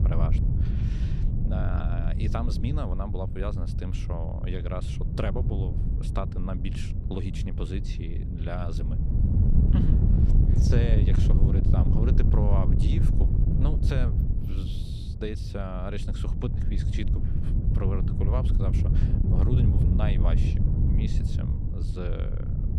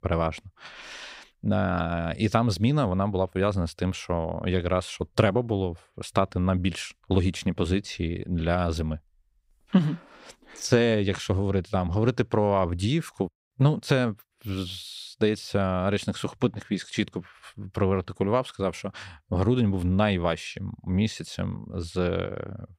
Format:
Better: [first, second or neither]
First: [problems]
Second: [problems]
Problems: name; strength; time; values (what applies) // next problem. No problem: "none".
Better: second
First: wind noise on the microphone; heavy; 1 dB below the speech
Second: none